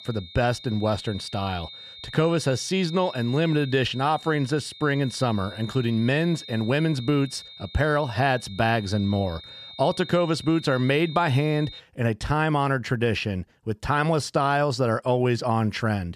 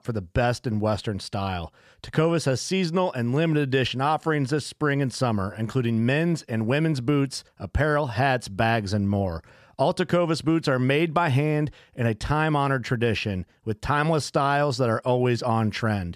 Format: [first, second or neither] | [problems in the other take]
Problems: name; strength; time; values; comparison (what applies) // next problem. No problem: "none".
second | high-pitched whine; noticeable; until 12 s; 3.5 kHz, 15 dB below the speech